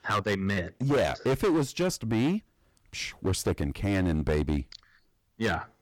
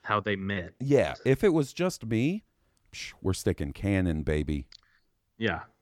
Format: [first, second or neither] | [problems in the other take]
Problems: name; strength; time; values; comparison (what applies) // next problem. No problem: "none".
second | distortion; heavy; 11% of the sound clipped